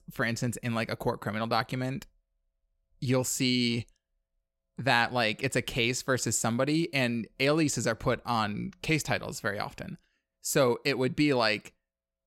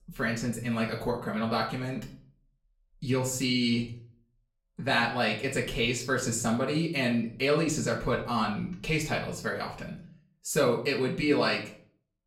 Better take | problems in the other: first | off-mic speech; far // room echo; slight; dies away in 0.4 s

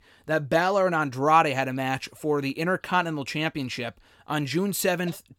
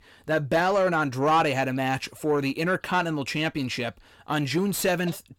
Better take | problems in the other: first | distortion; slight; 10 dB below the speech

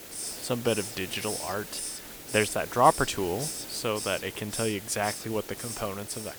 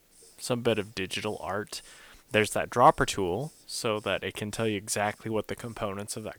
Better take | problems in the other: second | hiss; loud; throughout; 7 dB below the speech; faint in the second

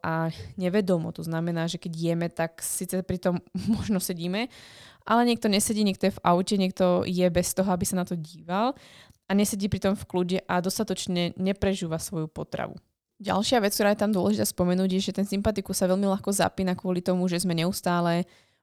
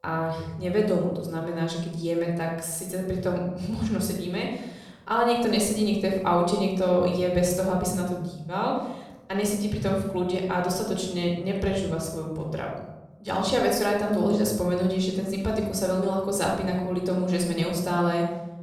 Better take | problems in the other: first | room echo; noticeable; dies away in 0.8 s // off-mic speech; somewhat distant

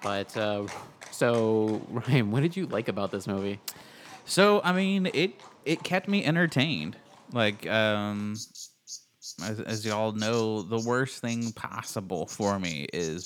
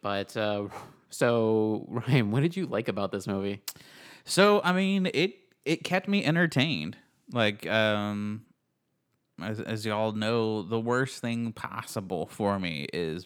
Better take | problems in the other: second | animal sounds; noticeable; throughout; 20 dB below the speech

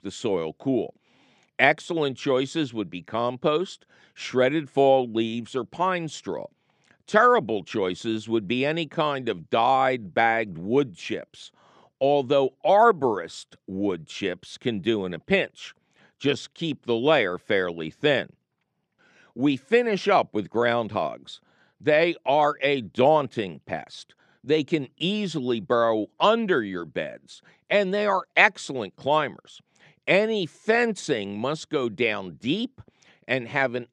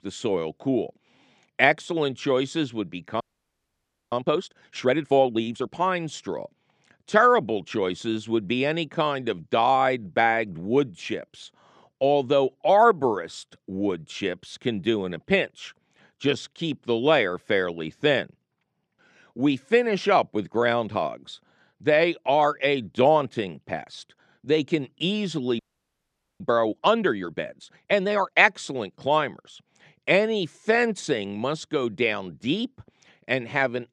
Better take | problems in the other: first | audio freezing; at 3 s for 1 s and at 26 s for 1 s

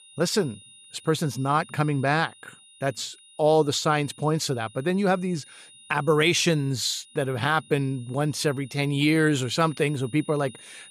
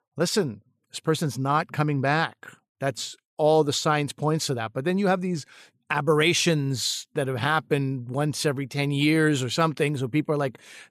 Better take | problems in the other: second | high-pitched whine; faint; throughout; 3.5 kHz, 25 dB below the speech

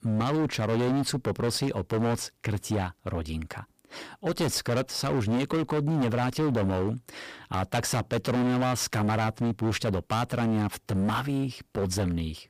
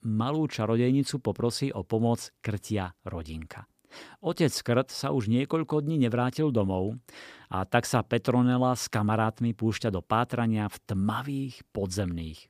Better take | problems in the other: second | distortion; heavy; 23% of the sound clipped

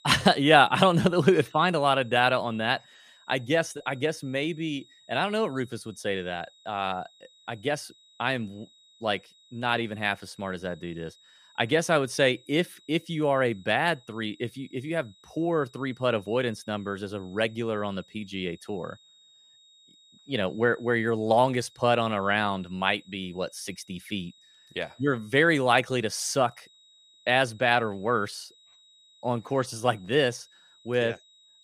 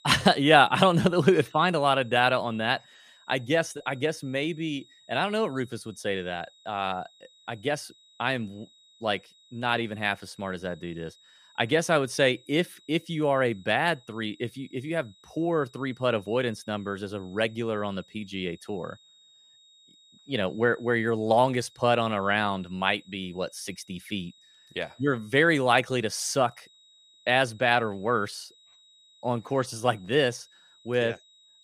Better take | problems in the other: neither | high-pitched whine; faint; throughout; 4 kHz, 30 dB below the speech; the same in both

